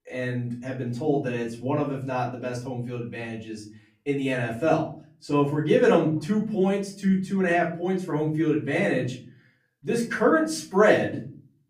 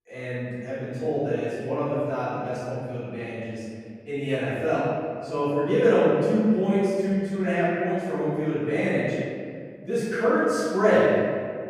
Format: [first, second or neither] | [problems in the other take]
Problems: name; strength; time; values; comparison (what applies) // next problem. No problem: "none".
first | room echo; strong; dies away in 2.1 s; slight in the first // off-mic speech; far; far in the first